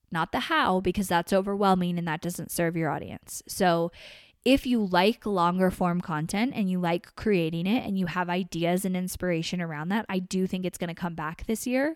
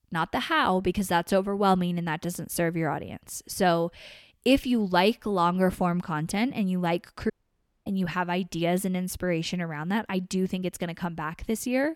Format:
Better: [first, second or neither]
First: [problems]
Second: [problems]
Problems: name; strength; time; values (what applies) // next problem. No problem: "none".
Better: first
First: none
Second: audio cutting out; at 7.5 s for 0.5 s